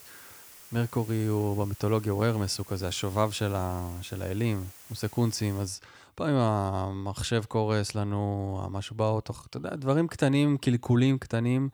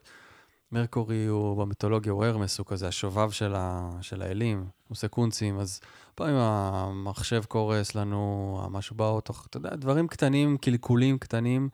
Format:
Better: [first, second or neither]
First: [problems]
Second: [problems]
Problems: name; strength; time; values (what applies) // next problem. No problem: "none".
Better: second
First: hiss; noticeable; until 5.5 s; 20 dB below the speech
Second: none